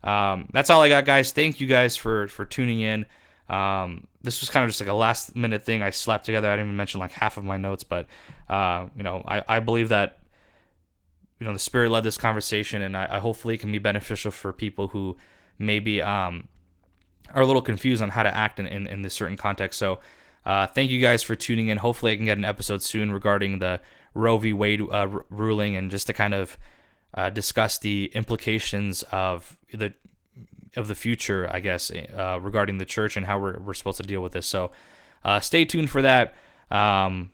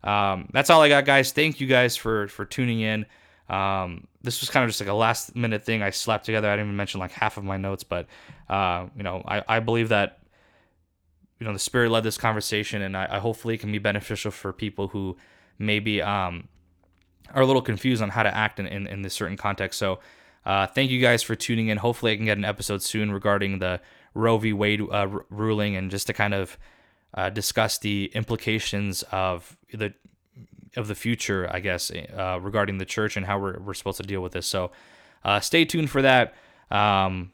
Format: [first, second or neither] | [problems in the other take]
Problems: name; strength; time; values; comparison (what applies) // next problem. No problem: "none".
second | garbled, watery; slightly